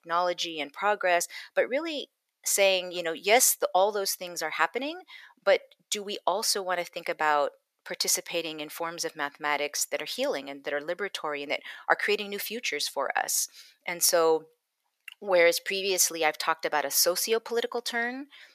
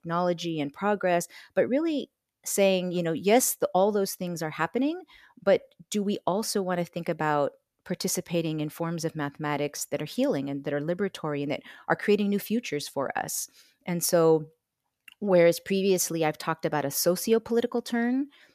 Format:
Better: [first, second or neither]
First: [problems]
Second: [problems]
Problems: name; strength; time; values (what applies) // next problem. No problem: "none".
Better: second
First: thin; somewhat; fading below 650 Hz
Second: none